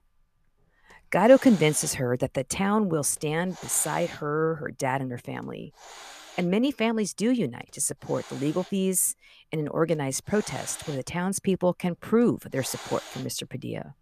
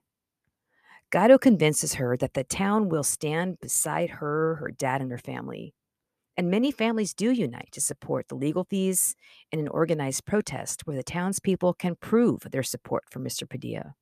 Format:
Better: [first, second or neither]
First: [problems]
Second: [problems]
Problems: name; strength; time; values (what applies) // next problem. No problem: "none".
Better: second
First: hiss; noticeable; throughout; 15 dB below the speech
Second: none